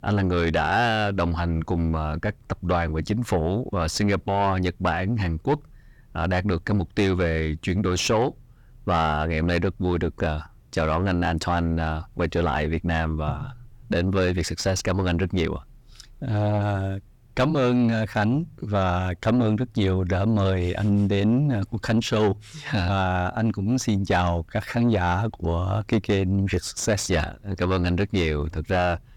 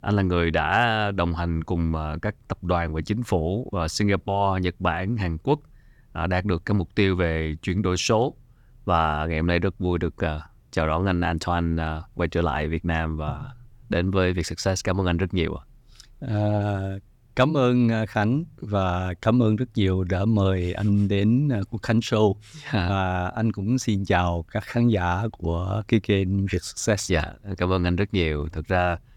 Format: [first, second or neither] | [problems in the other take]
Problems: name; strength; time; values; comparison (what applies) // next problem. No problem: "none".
second | distortion; slight; 9 dB below the speech